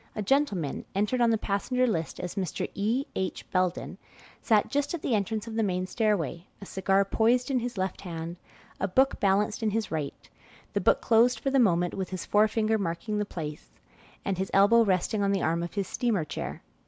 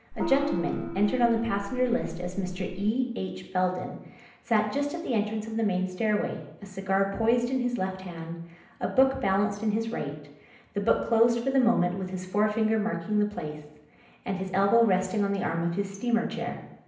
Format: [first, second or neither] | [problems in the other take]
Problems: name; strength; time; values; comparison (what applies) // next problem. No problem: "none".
first | background sound (Gong); 7 dB below the speech // room echo; dies away in 0.8 s